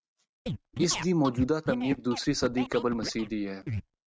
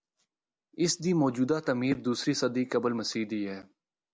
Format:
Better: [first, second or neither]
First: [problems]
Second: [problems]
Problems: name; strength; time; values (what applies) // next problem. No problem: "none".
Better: second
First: noise reduction (neural mask model RNNoise)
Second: none